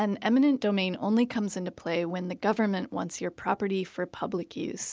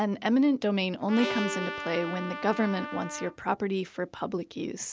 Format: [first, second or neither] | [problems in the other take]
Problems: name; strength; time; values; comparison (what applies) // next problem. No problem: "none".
first | background sound (Trumpet + Bowed string instrument); 8 dB below the speech